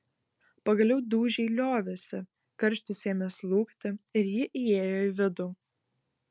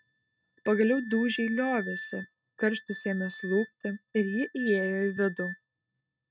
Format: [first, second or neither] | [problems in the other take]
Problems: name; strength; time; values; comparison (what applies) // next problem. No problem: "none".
first | noise reduction (neural mask model RNNoise)